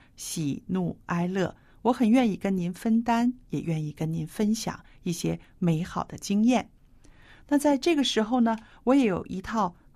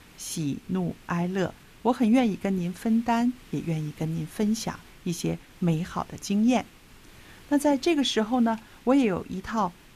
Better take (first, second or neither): first